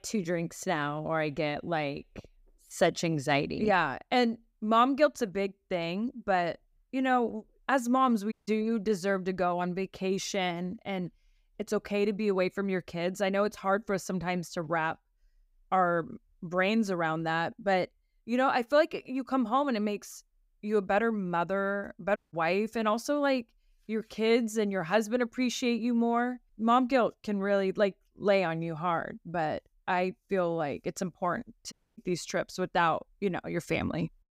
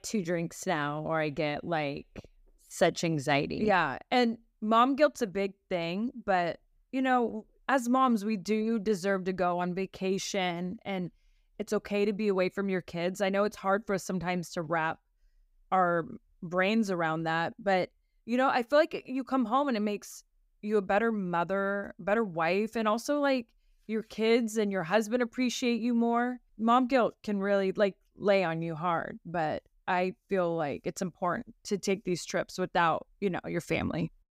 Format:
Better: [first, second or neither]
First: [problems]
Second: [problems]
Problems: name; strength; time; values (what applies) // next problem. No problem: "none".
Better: second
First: audio cutting out; at 8.5 s, at 22 s and at 32 s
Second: none